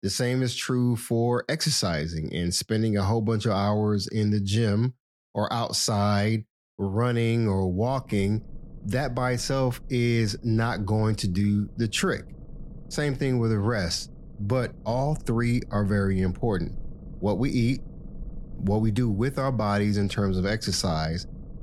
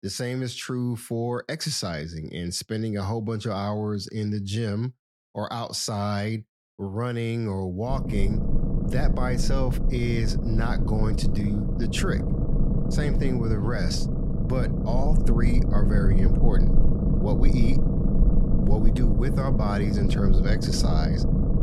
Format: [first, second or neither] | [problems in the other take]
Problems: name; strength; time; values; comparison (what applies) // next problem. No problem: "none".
first | low rumble; loud; from 8 s on; 3 dB below the speech; faint in the first